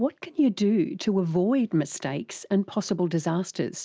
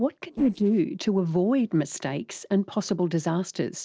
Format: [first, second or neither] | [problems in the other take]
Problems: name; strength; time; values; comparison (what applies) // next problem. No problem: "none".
first | noise reduction (neural separator model SepFormer DNS4)